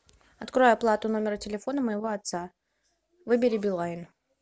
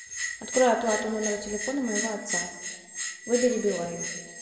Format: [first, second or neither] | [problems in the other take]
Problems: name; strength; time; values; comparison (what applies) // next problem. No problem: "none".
first | background sound (Bell); 6 dB below the speech // room echo; dies away in 1.5 s